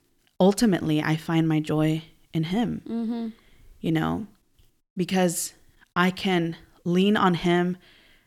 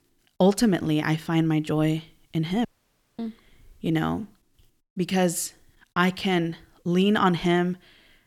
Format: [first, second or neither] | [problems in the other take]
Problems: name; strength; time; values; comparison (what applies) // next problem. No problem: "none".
first | audio cutting out; at 2.5 s for 0.5 s